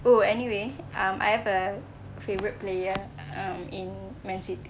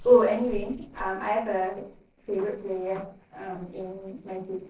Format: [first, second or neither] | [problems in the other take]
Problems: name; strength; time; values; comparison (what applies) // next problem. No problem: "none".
first | noise reduction (neural separator model SepFormer DNS4)